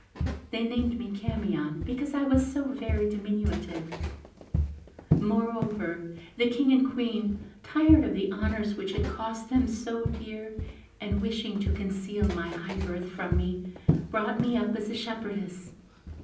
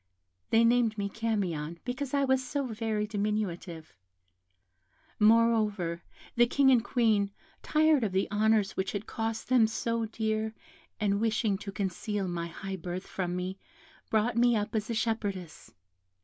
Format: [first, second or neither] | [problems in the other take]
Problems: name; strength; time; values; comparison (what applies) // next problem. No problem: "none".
second | background sound (Walk, footsteps); 4 dB below the speech // room echo; dies away in 0.6 s